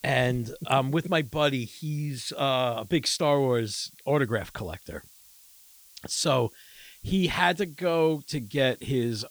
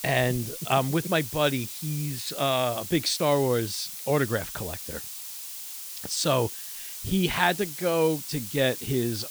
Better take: first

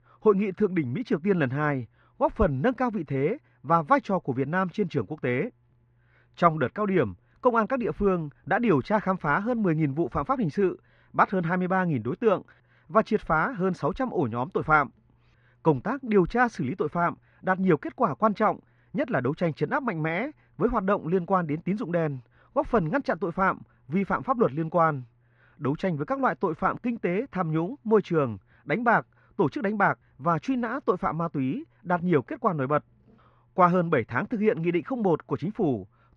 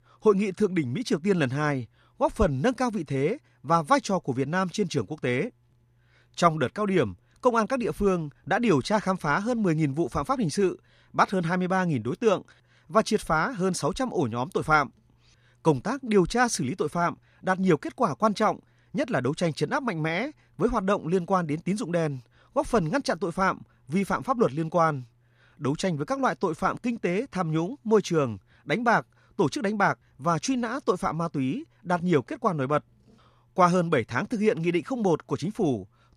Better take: second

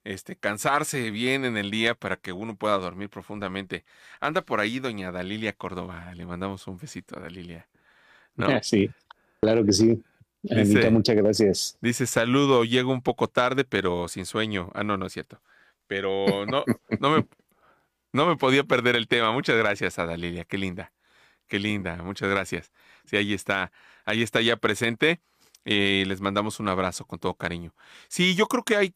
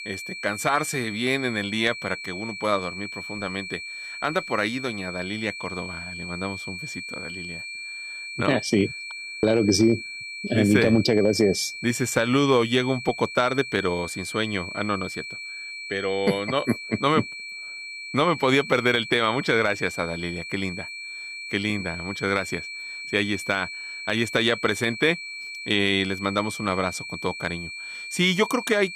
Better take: first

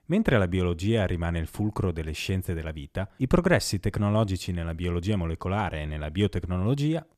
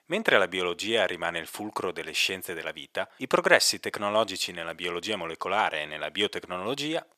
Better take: first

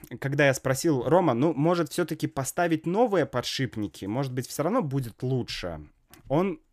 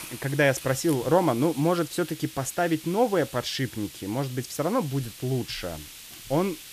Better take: first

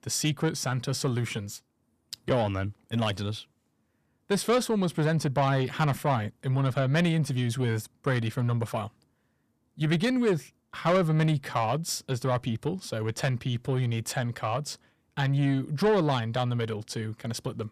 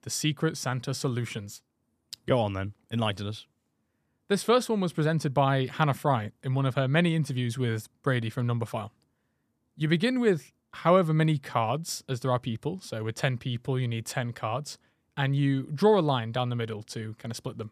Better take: second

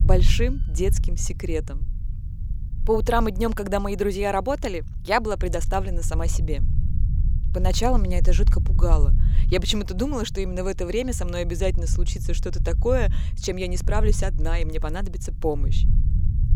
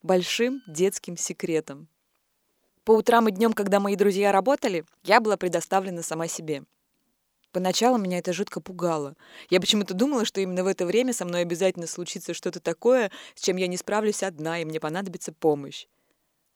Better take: second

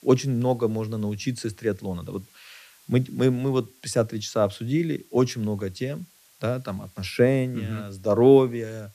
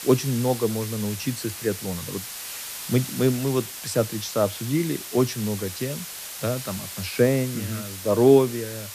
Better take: first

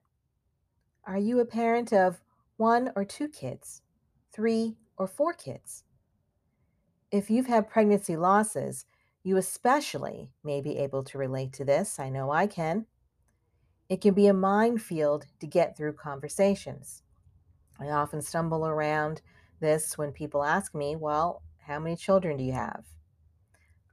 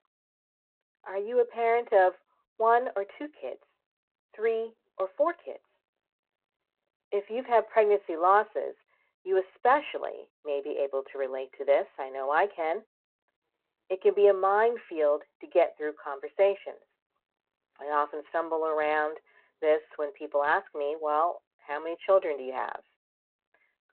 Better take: first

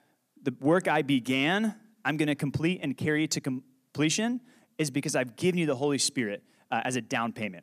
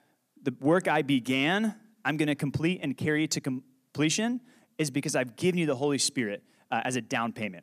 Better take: neither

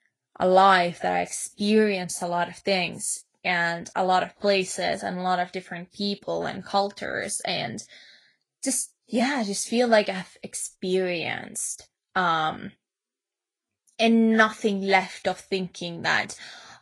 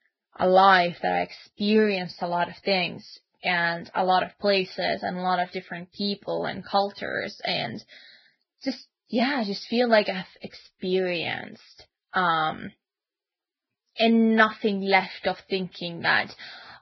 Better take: first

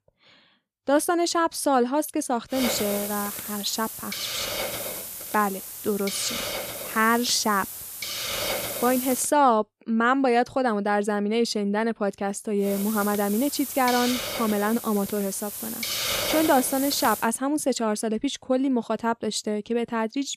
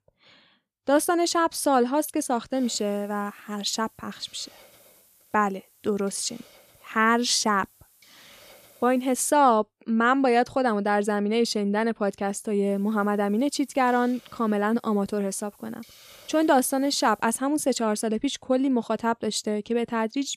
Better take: second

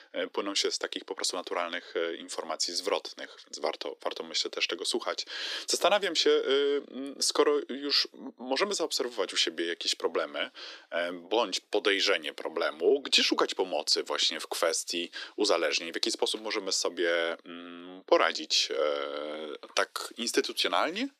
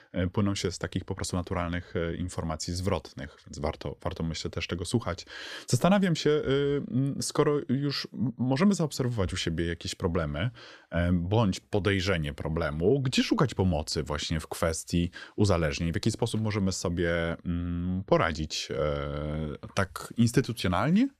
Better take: second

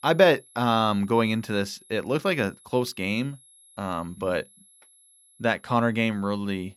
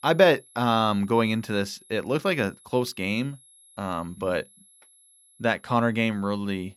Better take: neither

